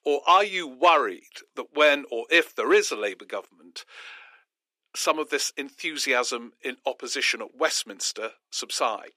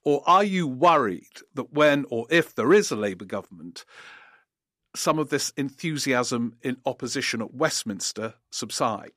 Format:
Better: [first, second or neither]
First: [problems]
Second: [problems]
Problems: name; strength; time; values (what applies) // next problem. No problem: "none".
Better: second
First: thin; somewhat; fading below 350 Hz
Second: none